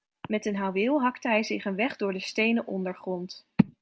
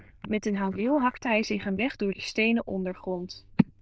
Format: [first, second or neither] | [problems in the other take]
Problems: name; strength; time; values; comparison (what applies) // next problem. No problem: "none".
first | noise reduction (neural diffusion model UNIVERSE++)